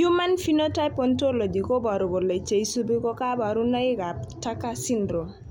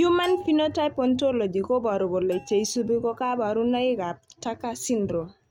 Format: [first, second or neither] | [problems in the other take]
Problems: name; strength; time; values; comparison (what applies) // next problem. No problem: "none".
first | noise reduction (neural mask model RNNoise)